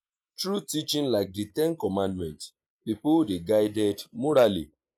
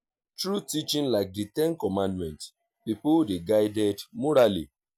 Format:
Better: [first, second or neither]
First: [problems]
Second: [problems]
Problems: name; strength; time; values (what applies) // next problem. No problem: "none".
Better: second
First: noise reduction (neural mask model Resemble Enhance denoiser)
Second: none